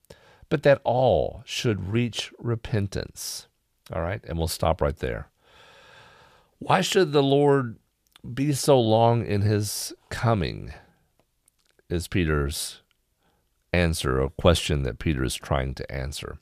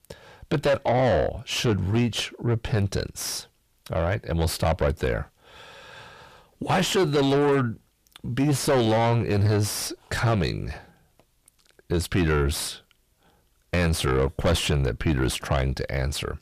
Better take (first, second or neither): first